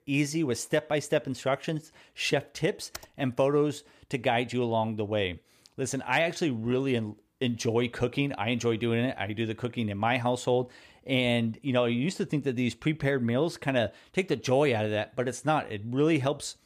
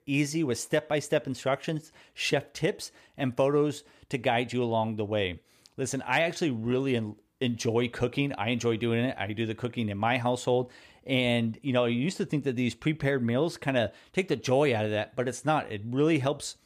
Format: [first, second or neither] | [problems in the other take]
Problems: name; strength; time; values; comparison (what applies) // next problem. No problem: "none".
second | keyboard typing; faint; at 3 s; peak 15 dB below the speech